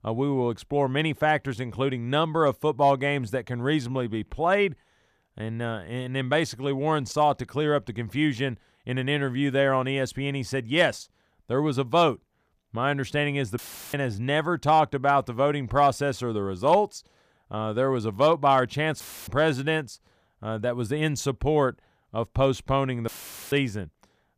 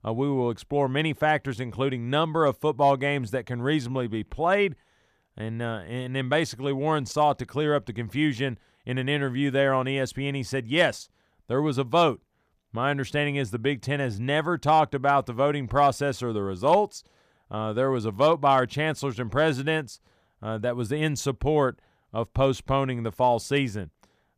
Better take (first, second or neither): second